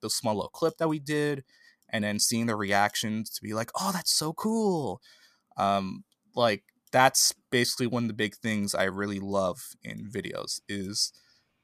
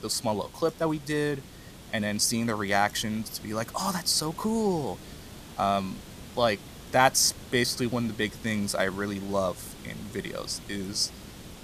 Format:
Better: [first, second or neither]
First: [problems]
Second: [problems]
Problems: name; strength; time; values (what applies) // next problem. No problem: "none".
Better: first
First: none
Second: hiss; noticeable; throughout; 15 dB below the speech